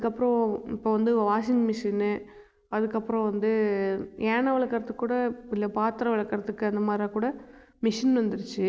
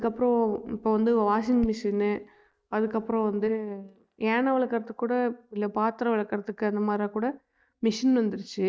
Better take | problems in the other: first | noise reduction (neural mask model DeepFilterNet 3)

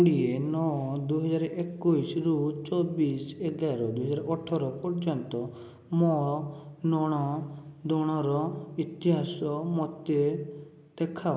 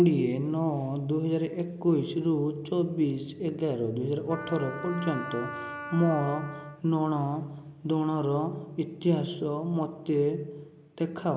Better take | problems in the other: first | background sound (Wind instrument, woodwind instrument); 11 dB below the speech

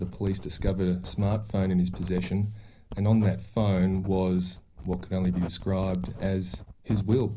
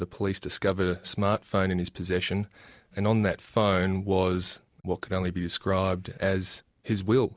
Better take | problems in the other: second | background sound (Writing); 13 dB below the speech // room echo; dies away in 0.5 s

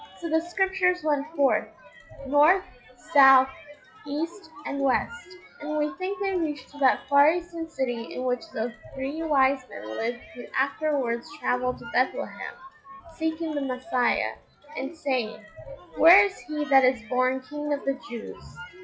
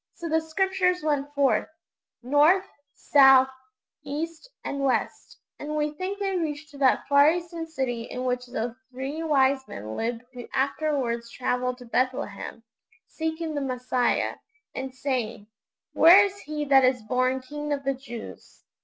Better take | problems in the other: second | noise reduction (classical method log-MMSE)

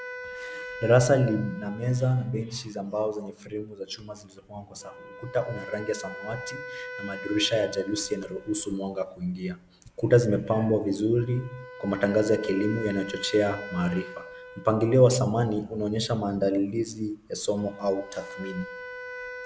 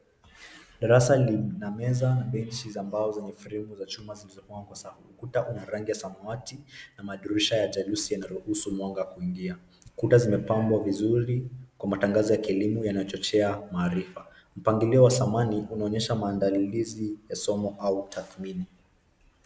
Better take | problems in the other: second | background sound (Wind instrument, woodwind instrument); 15 dB below the speech

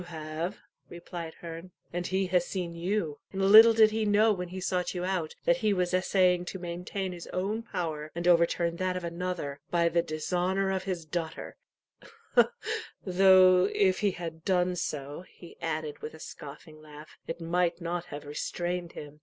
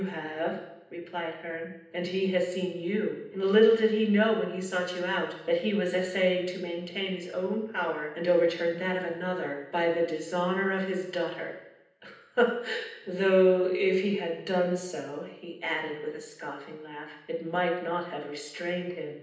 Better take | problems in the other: first | room echo; dies away in 0.9 s

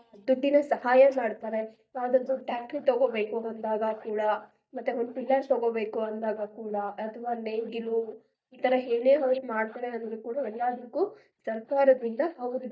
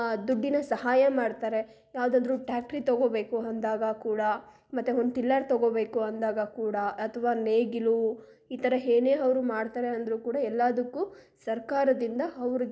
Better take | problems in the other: second | noise reduction (neural mask model DeepFilterNet 3)

